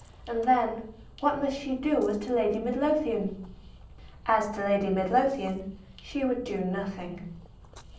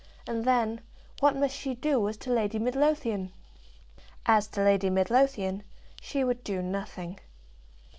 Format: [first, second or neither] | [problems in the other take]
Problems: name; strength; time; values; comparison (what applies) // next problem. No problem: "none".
second | background sound (Splash, splatter); 20 dB below the speech // room echo; dies away in 0.6 s